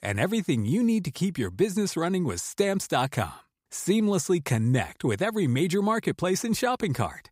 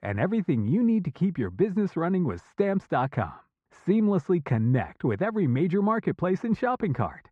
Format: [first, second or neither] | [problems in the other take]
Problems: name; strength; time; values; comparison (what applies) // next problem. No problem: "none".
first | muffled; very; fading above 1.5 kHz